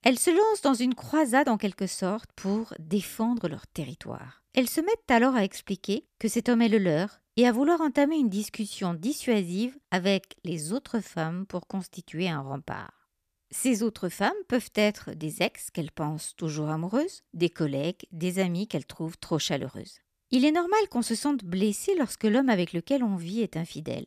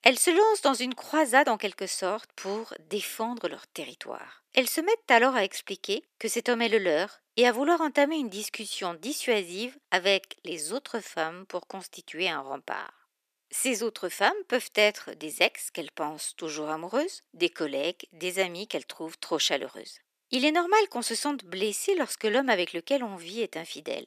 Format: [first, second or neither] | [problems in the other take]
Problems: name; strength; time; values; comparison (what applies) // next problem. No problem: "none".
first | thin; somewhat; fading below 350 Hz